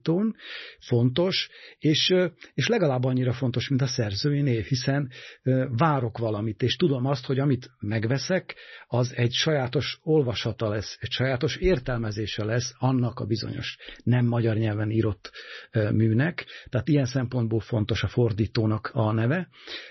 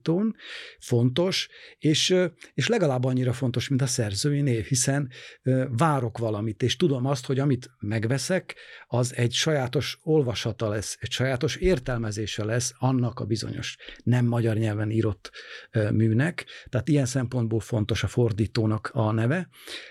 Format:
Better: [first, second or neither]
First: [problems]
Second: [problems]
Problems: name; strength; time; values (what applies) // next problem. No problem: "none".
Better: second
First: garbled, watery; slightly; nothing above 6 kHz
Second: none